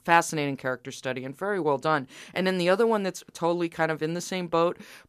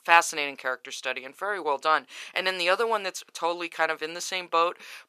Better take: first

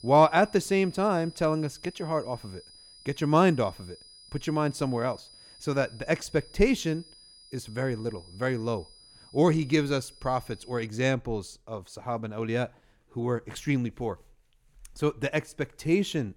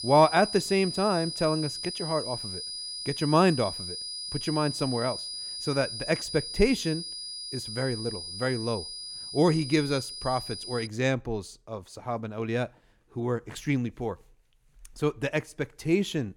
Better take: first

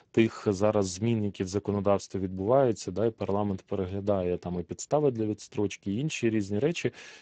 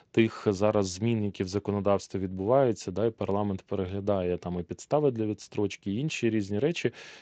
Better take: second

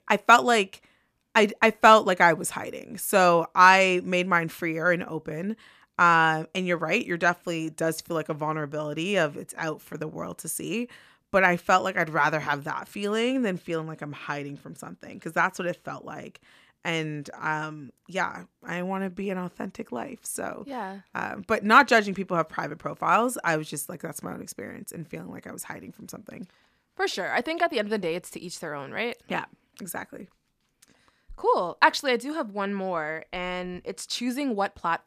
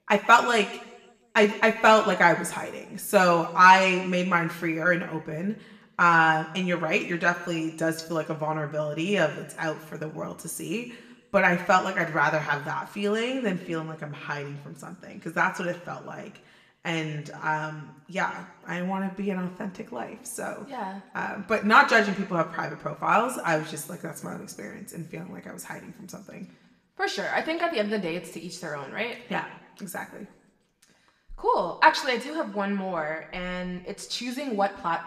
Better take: first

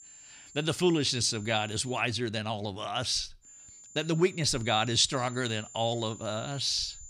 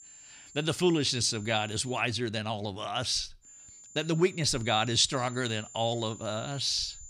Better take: neither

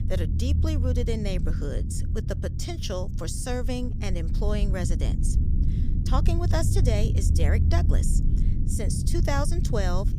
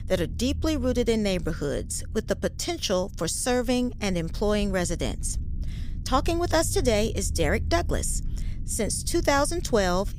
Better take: second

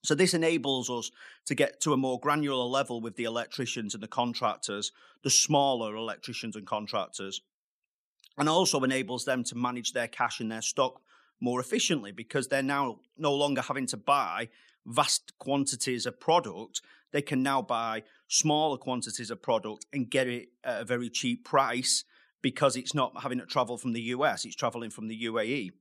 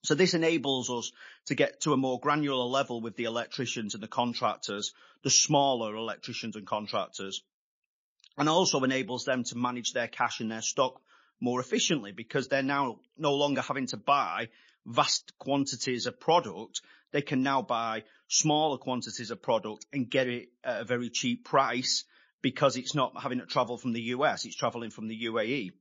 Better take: first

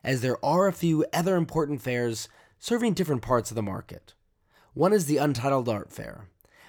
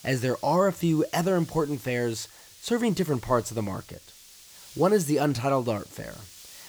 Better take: first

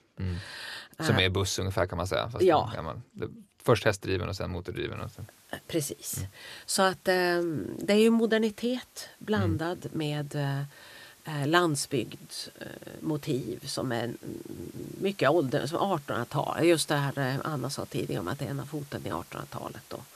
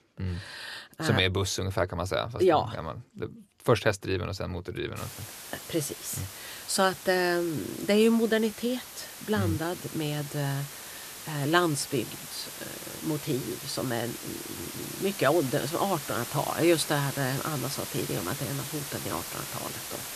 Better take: first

